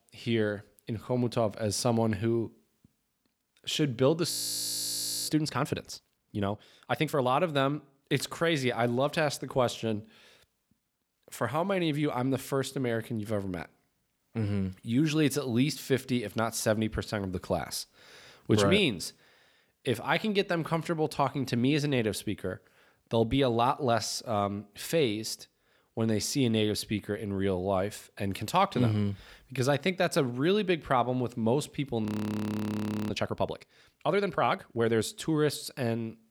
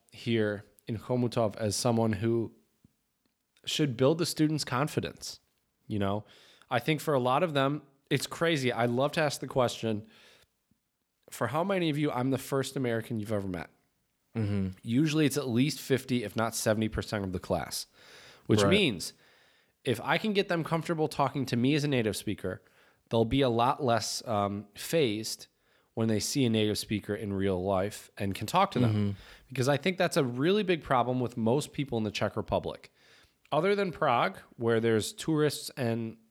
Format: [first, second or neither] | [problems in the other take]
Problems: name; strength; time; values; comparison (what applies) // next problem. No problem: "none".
second | audio freezing; at 4.5 s for 1 s and at 32 s for 1 s